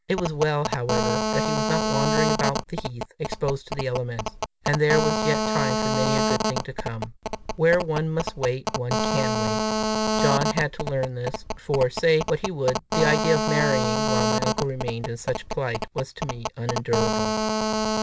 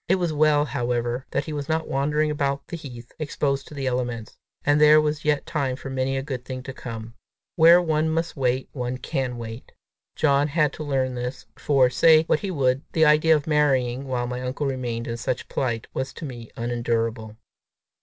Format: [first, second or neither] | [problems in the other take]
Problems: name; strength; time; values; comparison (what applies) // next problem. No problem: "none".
second | background sound (Telephone); as loud as the speech